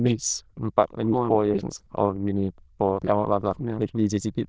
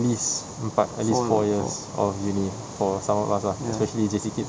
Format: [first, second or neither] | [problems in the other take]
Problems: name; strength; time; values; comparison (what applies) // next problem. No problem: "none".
second | noise reduction (neural diffusion model UNIVERSE++)